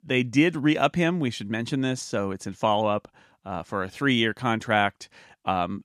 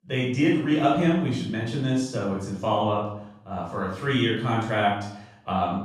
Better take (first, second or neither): first